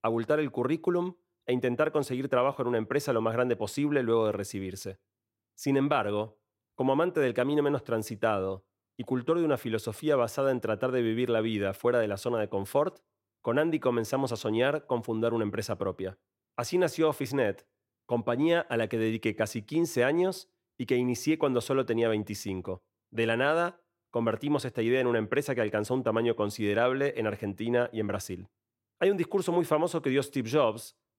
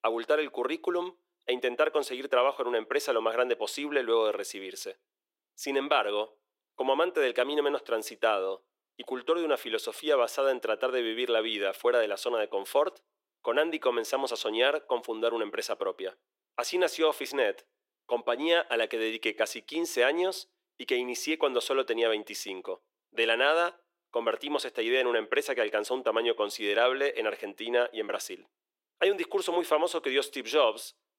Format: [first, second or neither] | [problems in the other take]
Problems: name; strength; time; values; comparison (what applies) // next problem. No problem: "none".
first | thin; somewhat; fading below 350 Hz